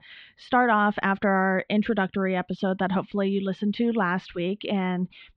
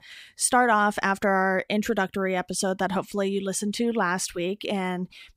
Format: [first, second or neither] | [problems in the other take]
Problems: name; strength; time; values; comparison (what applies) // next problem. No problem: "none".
second | muffled; very; fading above 3.5 kHz